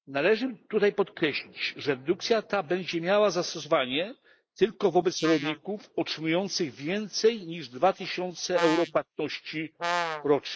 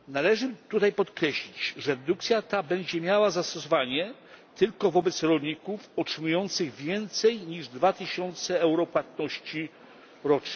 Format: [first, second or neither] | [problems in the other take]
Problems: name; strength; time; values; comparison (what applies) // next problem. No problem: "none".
second | noise reduction (neural mask model Resemble Enhance denoiser)